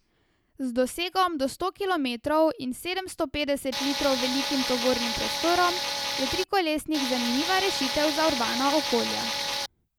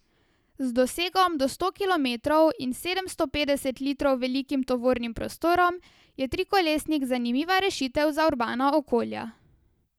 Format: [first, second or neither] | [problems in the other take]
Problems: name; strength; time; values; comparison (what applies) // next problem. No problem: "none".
second | background sound (Tools); 2 dB below the speech